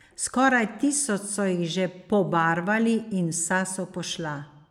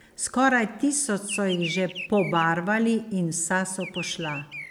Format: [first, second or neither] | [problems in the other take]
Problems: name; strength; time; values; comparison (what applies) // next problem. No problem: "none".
first | background sound (Bird vocalization, bird call, bird song); 14 dB below the speech